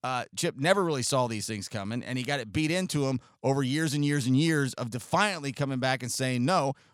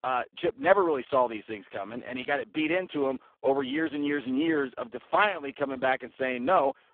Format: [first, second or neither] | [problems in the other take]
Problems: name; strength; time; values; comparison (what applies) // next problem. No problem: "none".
first | phone-call audio; poor line